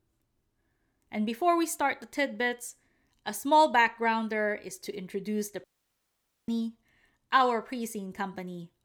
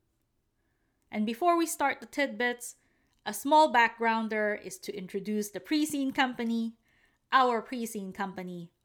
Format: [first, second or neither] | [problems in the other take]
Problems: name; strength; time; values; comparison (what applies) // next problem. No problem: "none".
second | audio cutting out; at 5.5 s for 1 s